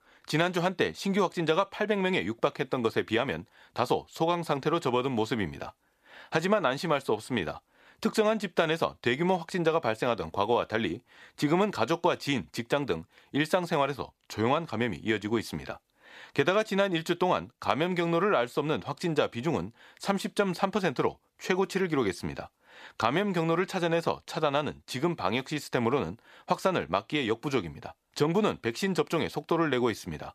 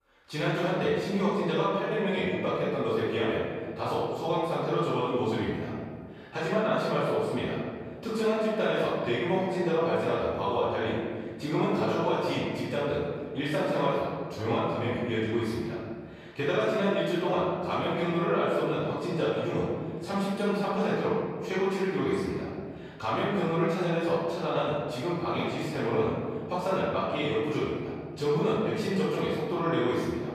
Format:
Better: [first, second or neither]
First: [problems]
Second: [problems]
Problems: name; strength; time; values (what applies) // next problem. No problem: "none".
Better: first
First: none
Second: off-mic speech; far // room echo; strong; dies away in 1.8 s